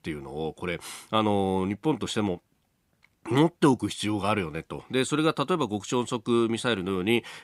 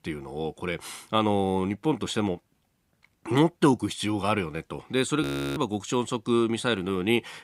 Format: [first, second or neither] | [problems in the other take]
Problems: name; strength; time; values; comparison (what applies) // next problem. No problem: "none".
first | audio freezing; at 5 s